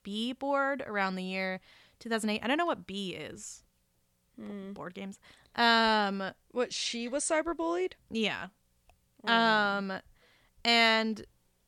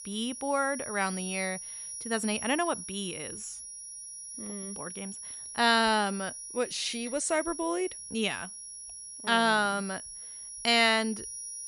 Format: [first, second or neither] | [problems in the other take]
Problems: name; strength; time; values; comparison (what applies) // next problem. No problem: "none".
first | high-pitched whine; loud; throughout; 10.5 kHz, 10 dB below the speech